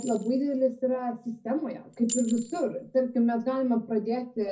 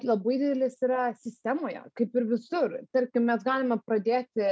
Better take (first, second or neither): second